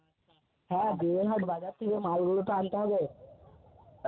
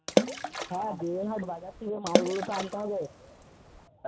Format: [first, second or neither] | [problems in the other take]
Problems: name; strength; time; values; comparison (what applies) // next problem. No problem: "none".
first | background sound (Water / Splash, splatter); 3 dB above the speech